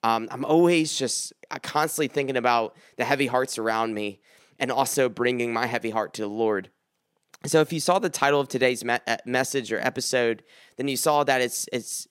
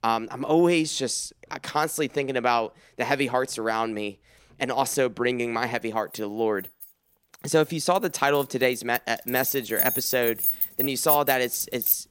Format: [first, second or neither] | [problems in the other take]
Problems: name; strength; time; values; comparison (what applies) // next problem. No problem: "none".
first | household noises; loud; throughout; 1 dB below the speech